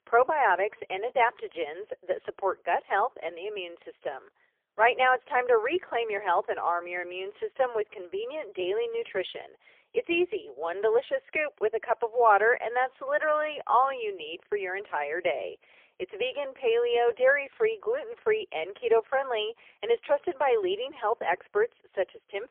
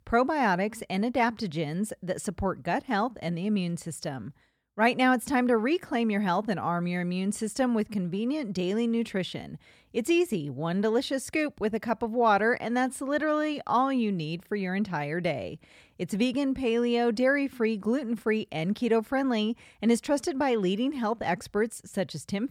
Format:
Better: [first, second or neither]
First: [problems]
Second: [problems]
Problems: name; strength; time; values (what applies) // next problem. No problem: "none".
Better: second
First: phone-call audio; poor line; nothing above 3 kHz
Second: none